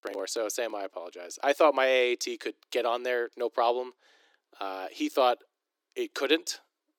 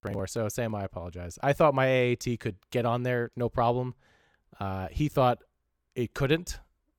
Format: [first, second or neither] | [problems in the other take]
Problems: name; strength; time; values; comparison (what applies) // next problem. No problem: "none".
second | thin; somewhat; fading below 300 Hz